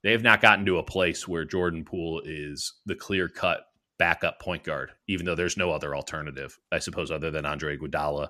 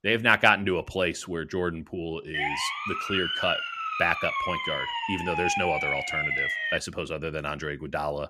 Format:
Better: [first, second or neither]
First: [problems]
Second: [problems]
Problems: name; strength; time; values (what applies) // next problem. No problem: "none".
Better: first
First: none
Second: siren; loud; from 2.5 to 7 s; peak 3 dB above the speech